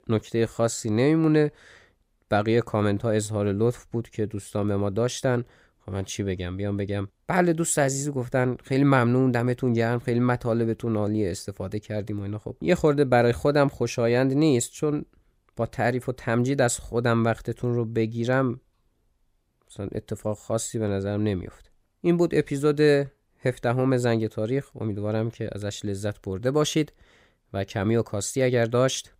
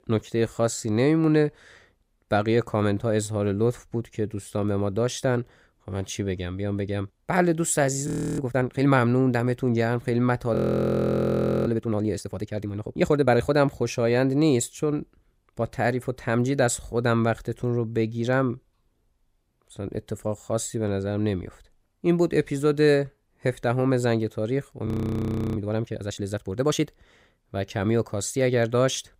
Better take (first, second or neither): first